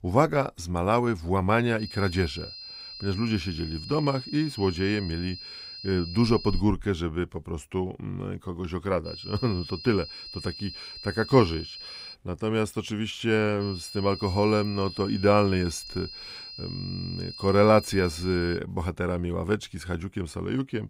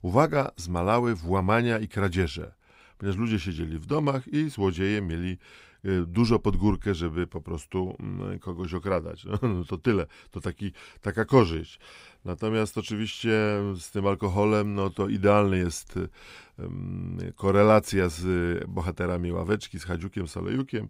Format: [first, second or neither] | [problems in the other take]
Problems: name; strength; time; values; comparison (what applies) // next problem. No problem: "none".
second | high-pitched whine; noticeable; from 2 to 6.5 s, from 9 to 12 s and from 14 to 19 s; 4 kHz, 10 dB below the speech